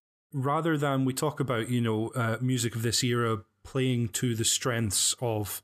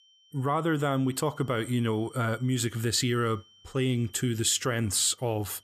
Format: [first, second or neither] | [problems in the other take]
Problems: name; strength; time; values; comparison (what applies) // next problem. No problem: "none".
first | high-pitched whine; faint; throughout; 3 kHz, 30 dB below the speech